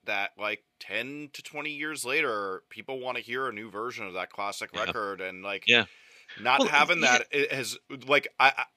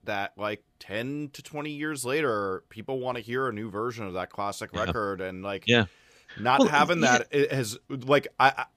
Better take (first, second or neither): second